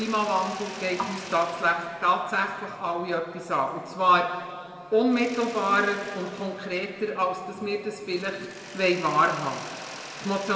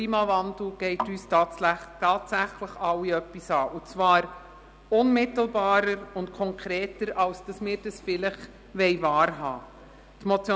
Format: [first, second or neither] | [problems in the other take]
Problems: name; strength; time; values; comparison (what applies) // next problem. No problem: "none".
second | background sound (Mechanisms); 17 dB below the speech // room echo; dies away in 1.9 s